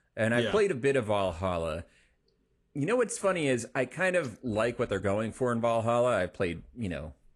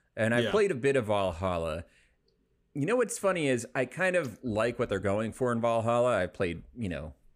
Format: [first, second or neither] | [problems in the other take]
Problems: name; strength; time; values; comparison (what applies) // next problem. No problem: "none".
second | garbled, watery; slightly